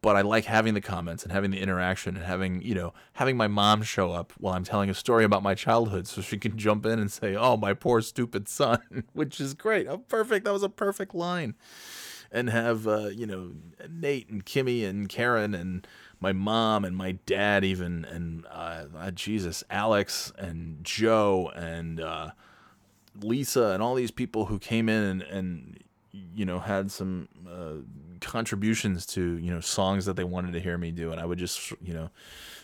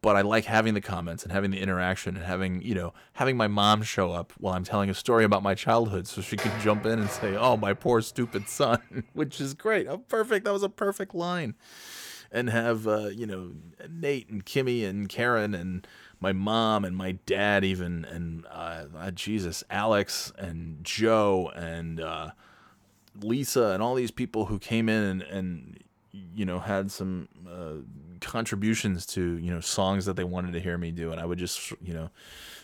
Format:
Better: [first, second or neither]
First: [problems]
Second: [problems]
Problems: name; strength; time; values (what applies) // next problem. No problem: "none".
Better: first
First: none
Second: clattering dishes; noticeable; from 6.5 to 9.5 s; peak 5 dB below the speech